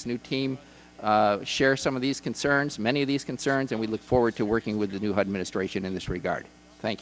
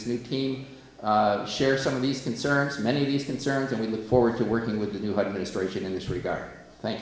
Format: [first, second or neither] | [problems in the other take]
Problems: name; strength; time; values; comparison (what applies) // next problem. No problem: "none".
first | room echo; dies away in 1.1 s